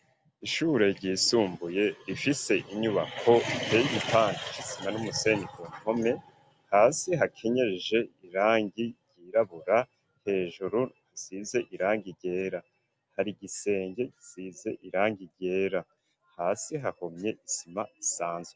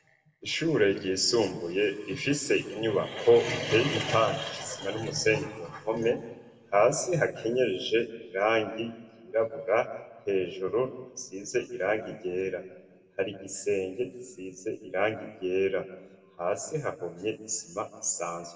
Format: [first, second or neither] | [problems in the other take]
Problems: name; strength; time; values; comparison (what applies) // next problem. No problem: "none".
first | room echo; dies away in 1.1 s